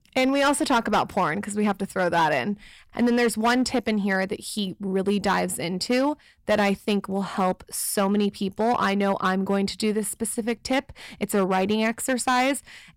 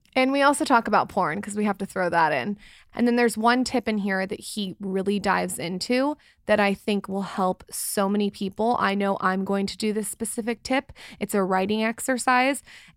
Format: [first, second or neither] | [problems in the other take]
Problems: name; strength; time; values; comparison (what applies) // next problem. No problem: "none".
second | distortion; slight; 6% of the sound clipped